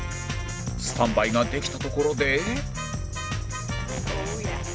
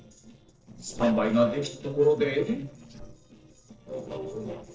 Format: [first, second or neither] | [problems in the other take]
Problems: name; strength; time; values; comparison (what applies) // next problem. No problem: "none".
first | noise reduction (neural separator model SepFormer DNS4)